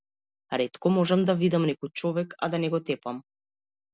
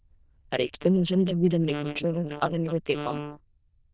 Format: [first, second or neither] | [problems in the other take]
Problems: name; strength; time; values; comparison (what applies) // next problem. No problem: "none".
first | noise reduction (neural diffusion model UNIVERSE++)